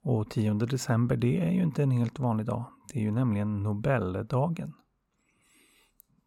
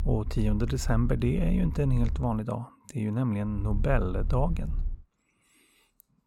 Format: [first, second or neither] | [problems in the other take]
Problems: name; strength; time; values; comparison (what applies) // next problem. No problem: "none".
first | low rumble; noticeable; until 2.5 s and from 3.5 to 5 s; 20 dB below the speech